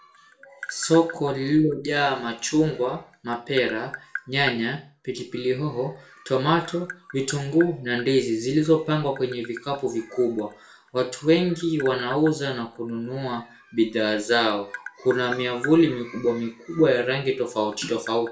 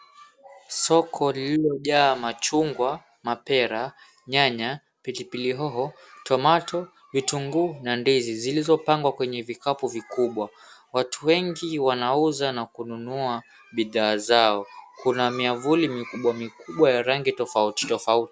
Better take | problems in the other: second | background sound (Tap); 18 dB below the speech // room echo; dies away in 0.3 s

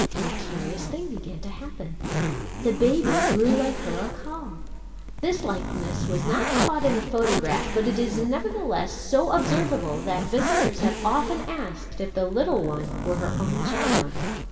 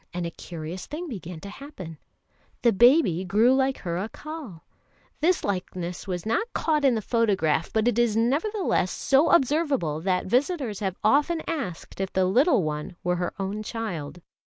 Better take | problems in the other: second | background sound (Zipper (clothing)); 1 dB below the speech // room echo; dies away in 2.4 s

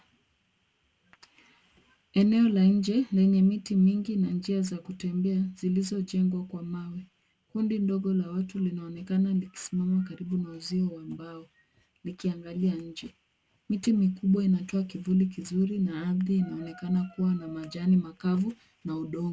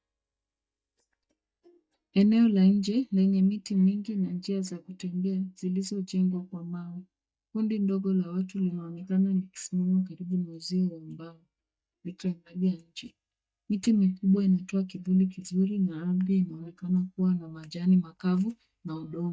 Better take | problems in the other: first | noise reduction (neural mask model DeepFilterNet 3)

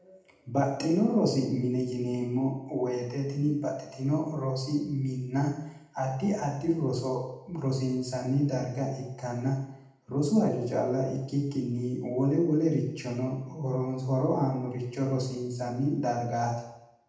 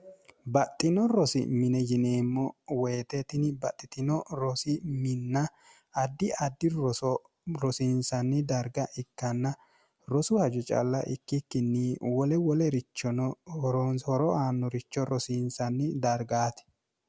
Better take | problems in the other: second | room echo; dies away in 0.8 s

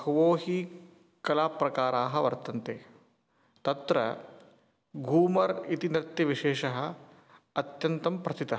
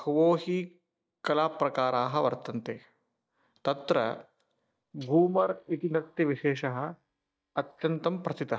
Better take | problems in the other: first | noise reduction (neural mask model DeepFilterNet 3)

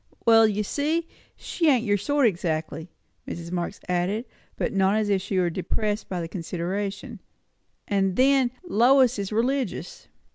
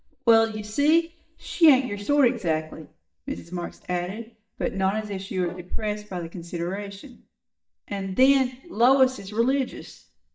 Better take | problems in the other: first | noise reduction (neural mask model DeepFilterNet 3)

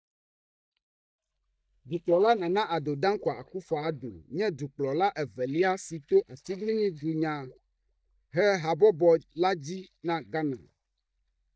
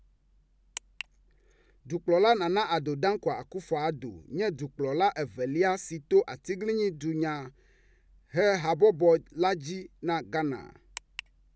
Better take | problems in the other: second | noise reduction (neural mask model DeepFilterNet 3)

